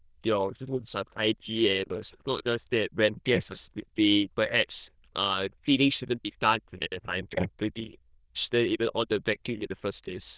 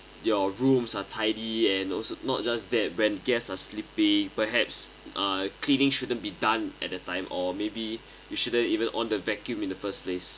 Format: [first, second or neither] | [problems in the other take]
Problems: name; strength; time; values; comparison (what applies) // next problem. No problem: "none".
second | noise reduction (neural diffusion model UNIVERSE++)